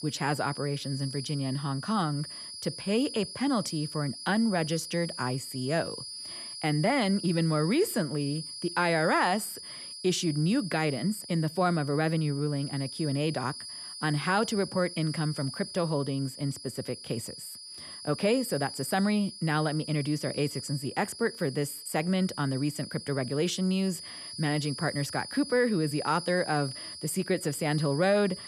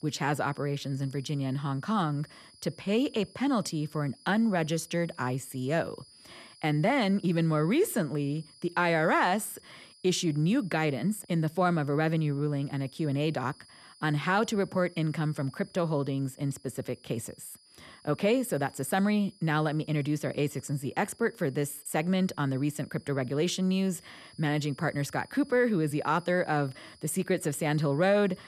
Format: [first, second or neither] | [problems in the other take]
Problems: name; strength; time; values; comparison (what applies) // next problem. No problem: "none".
second | high-pitched whine; loud; throughout; 5 kHz, 10 dB below the speech; faint in the second